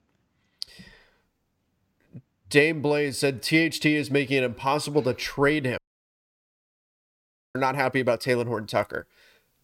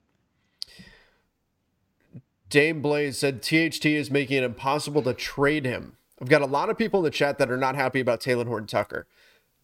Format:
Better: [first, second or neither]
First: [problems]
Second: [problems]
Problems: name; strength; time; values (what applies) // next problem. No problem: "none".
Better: second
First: audio cutting out; at 6 s for 2 s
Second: none